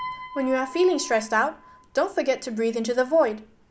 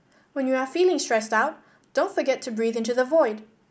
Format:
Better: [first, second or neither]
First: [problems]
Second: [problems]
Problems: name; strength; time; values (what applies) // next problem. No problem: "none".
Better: second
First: background sound (Piano); 17 dB below the speech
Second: none